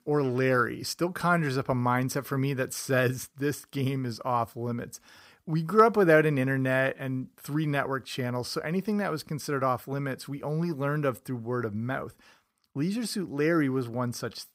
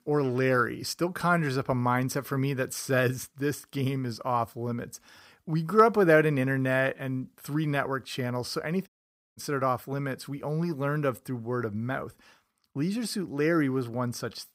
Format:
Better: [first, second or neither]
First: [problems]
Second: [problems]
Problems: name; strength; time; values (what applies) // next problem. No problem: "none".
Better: first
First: none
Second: audio cutting out; at 9 s